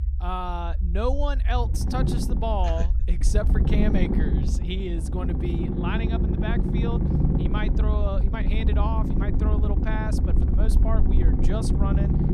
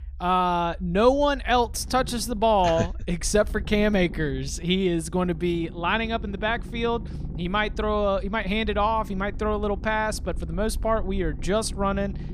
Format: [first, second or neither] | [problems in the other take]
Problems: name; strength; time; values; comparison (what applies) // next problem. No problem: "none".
second | low rumble; loud; throughout; 3 dB below the speech; faint in the second